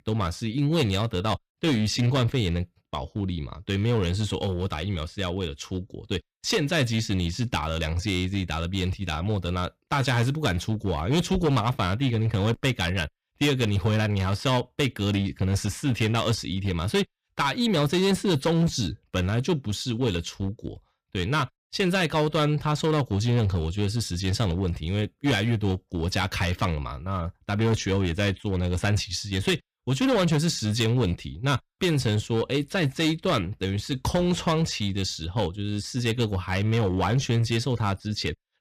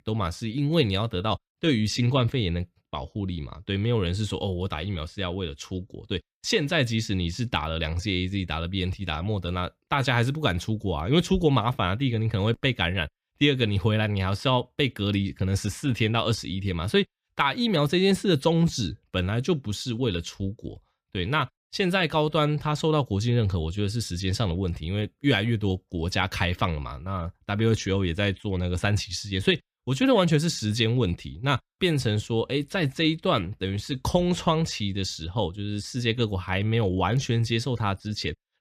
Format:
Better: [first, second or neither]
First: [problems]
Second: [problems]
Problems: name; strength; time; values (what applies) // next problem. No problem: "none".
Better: second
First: distortion; slight; 8% of the sound clipped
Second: none